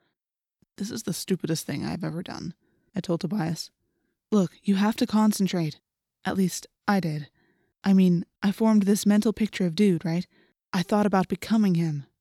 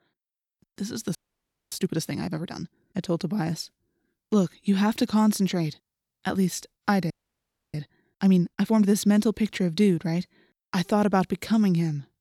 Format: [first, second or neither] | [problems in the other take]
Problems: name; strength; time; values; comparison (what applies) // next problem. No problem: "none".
first | audio freezing; at 1 s for 0.5 s and at 7 s for 0.5 s